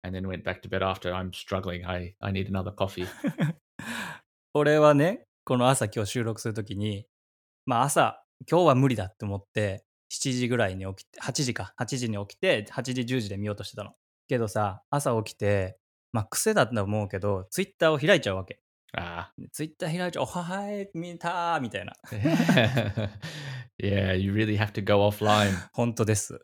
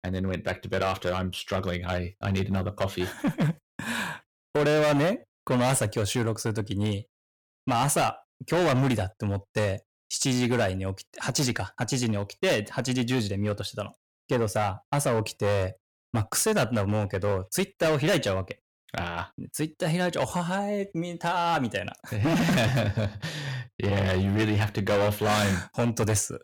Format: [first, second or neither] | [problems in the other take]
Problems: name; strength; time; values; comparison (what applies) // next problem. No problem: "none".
first | distortion; heavy; 11% of the sound clipped